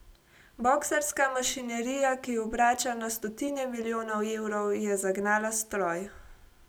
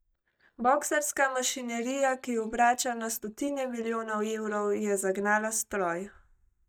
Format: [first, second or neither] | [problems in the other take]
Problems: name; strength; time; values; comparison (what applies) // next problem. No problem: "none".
first | noise reduction (neural mask model DeepFilterNet 3)